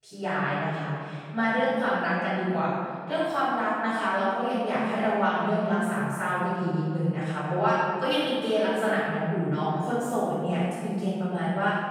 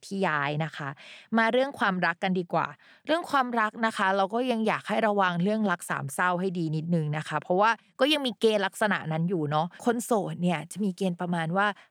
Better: second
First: off-mic speech; far // room echo; strong; dies away in 2.1 s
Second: none

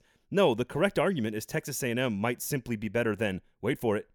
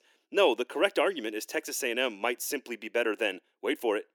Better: first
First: none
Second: thin; somewhat; fading below 300 Hz

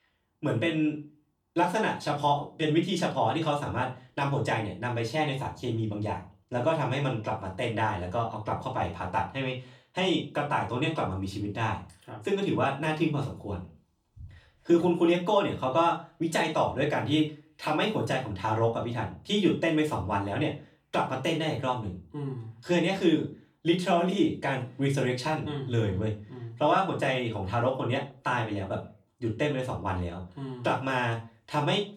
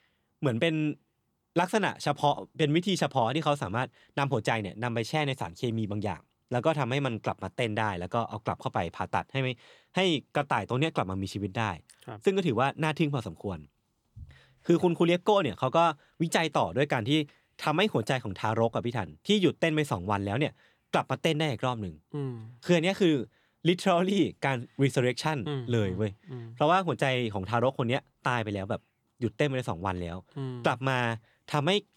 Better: second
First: off-mic speech; far // room echo; slight; dies away in 0.3 s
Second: none

